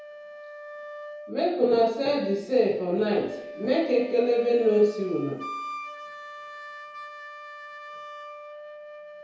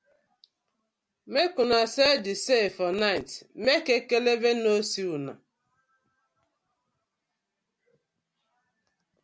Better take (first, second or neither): second